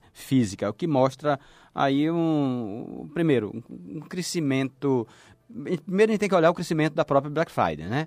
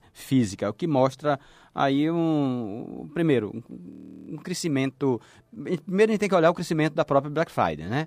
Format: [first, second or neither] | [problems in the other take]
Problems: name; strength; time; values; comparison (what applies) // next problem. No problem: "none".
first | audio freezing; at 4 s